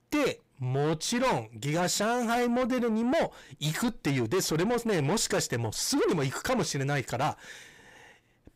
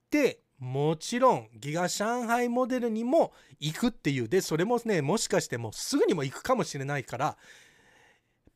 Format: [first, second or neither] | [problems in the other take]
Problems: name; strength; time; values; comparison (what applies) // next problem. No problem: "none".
second | distortion; heavy; 6 dB below the speech